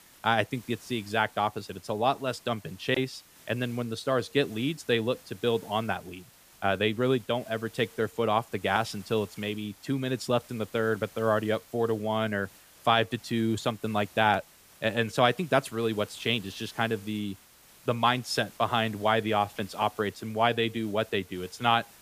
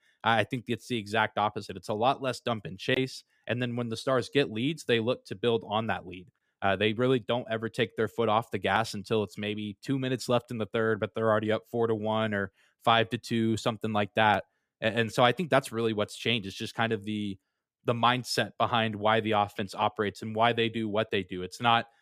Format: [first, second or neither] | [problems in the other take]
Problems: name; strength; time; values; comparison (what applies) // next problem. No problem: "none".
second | hiss; faint; throughout; 25 dB below the speech